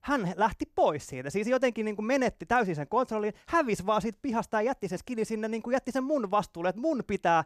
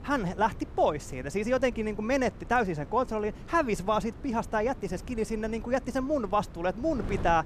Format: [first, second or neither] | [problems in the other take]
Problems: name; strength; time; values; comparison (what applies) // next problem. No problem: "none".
first | wind noise on the microphone; occasional gusts; 20 dB below the speech